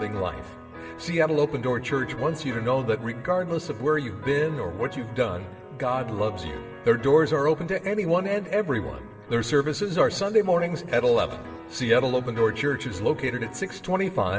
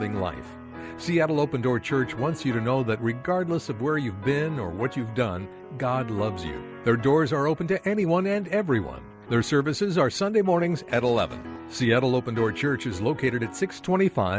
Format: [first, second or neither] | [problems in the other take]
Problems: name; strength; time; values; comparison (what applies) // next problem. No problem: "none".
second | room echo; dies away in 2.1 s